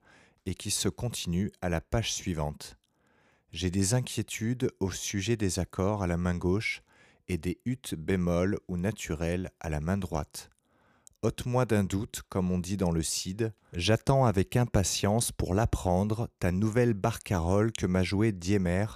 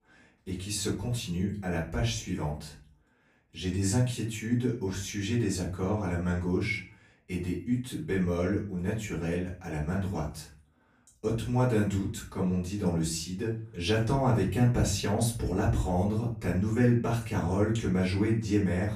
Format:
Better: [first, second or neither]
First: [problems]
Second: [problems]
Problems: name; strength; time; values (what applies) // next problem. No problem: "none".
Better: first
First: none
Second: room echo; slight; dies away in 0.4 s // off-mic speech; far